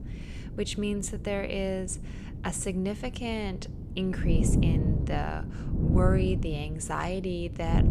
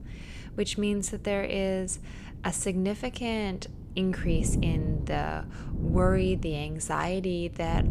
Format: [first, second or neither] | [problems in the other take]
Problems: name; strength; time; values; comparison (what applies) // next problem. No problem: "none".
second | wind noise on the microphone; heavy; 7 dB below the speech; occasional gusts in the second